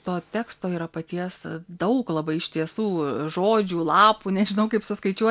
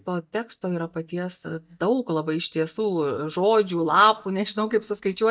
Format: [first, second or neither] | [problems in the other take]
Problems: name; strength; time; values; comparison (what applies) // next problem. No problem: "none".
first | noise reduction (neural mask model DeepFilterNet 3)